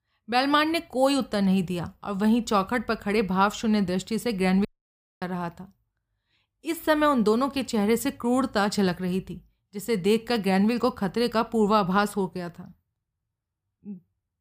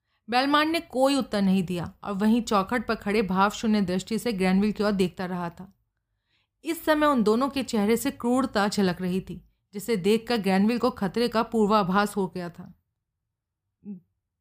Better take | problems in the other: second | audio cutting out; at 4.5 s for 0.5 s

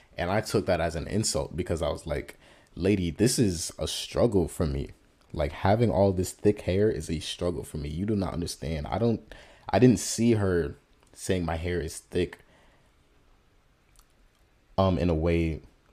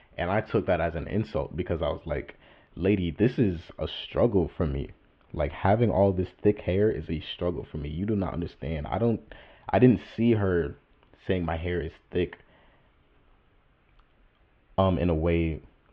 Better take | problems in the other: first | muffled; very; fading above 3 kHz

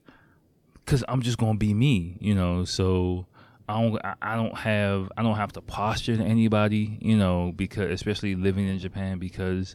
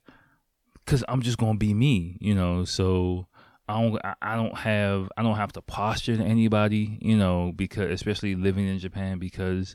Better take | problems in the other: second | rain or running water; faint; throughout; 25 dB below the speech

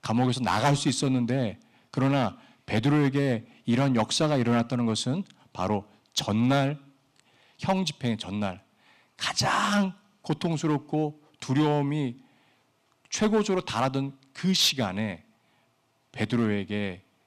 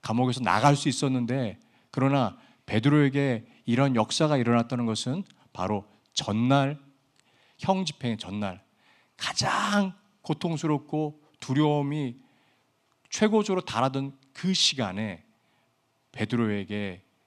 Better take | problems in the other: second | distortion; slight; 3% of the sound clipped

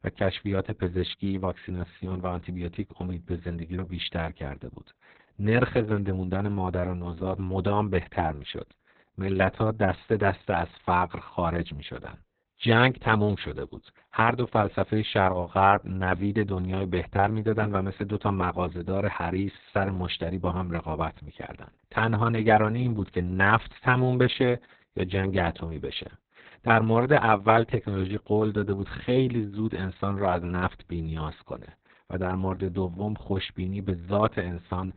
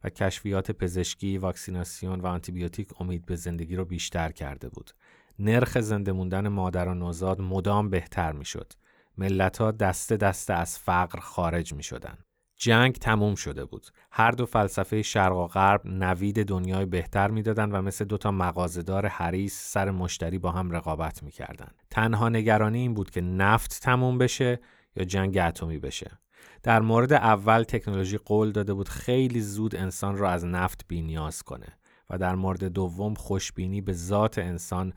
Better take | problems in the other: second | garbled, watery; badly; nothing above 4 kHz

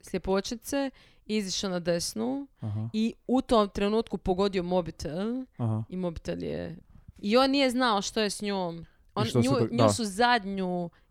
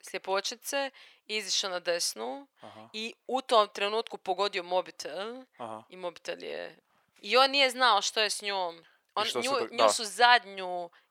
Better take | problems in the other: first | thin; very; fading below 700 Hz

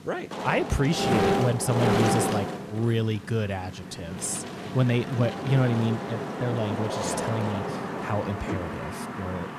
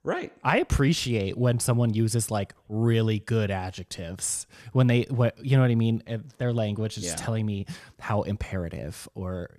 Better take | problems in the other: second | wind noise on the microphone; heavy; 2 dB above the speech

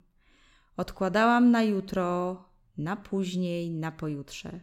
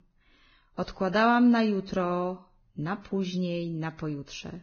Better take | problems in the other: first | garbled, watery; badly; nothing above 6.5 kHz

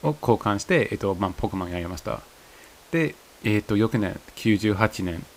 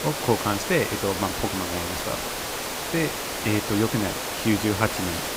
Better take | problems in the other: first | hiss; loud; throughout; 2 dB below the speech; faint in the first

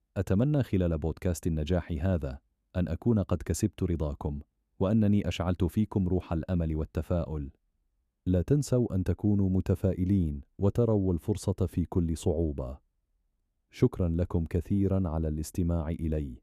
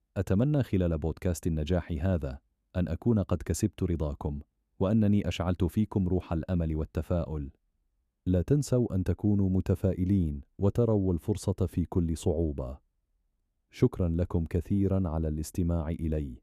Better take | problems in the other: neither | none

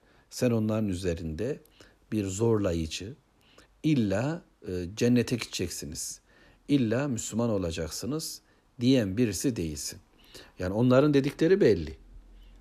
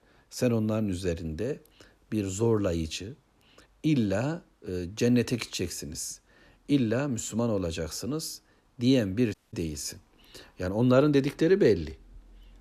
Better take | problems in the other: first | audio cutting out; at 9.5 s

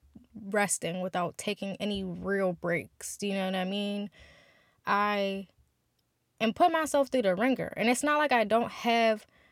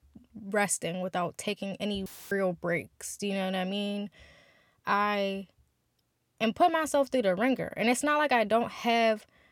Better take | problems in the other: first | audio cutting out; filled with static; at 2 s

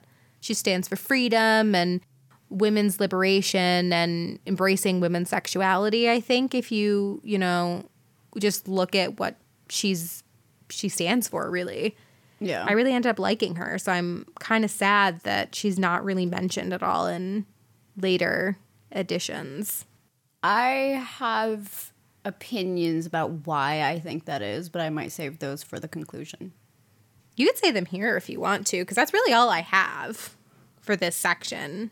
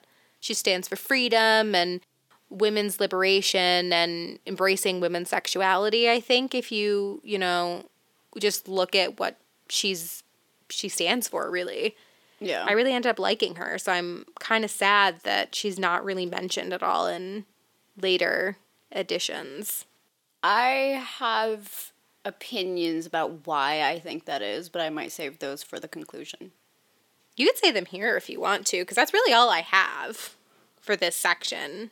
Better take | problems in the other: first | thin; somewhat; fading below 350 Hz

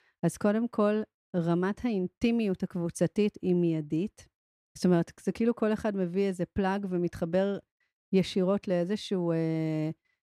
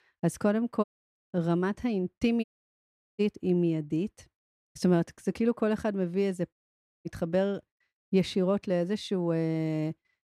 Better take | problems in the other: first | audio cutting out; at 1 s, at 2.5 s for 0.5 s and at 6.5 s for 0.5 s

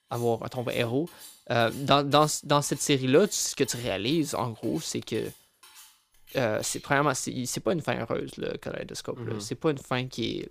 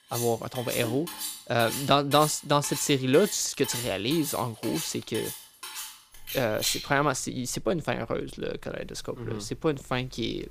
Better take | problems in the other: first | household noises; loud; throughout; 7 dB below the speech; faint in the first

